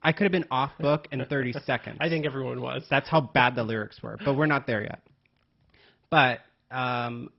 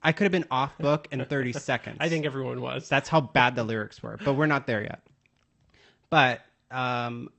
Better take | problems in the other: second | garbled, watery; badly; nothing above 5.5 kHz; slightly in the second

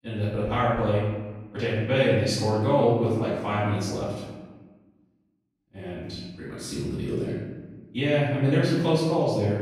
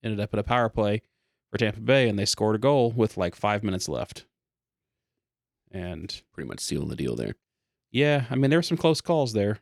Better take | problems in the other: second | off-mic speech; far // room echo; strong; dies away in 1.2 s

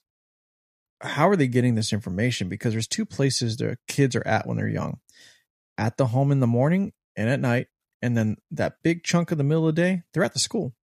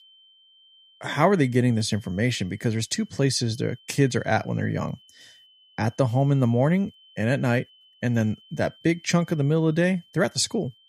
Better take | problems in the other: first | high-pitched whine; faint; throughout; 3 kHz, 30 dB below the speech

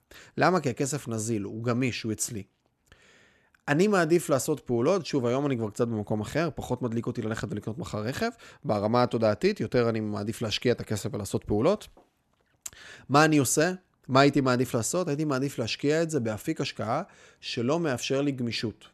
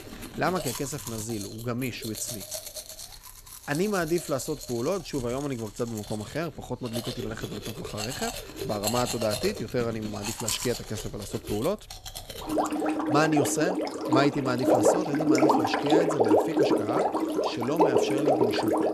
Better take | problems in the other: first | household noises; very loud; throughout; 3 dB above the speech

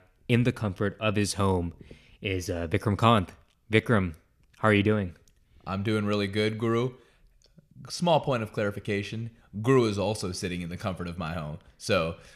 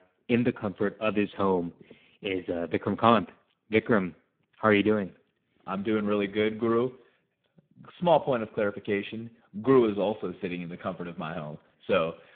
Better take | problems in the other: first | phone-call audio; poor line

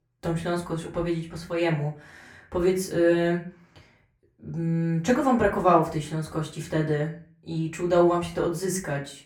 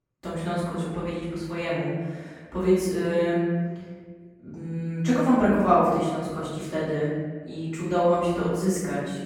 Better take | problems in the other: first | room echo; strong; dies away in 1.4 s; slight in the first // off-mic speech; far; far in the first

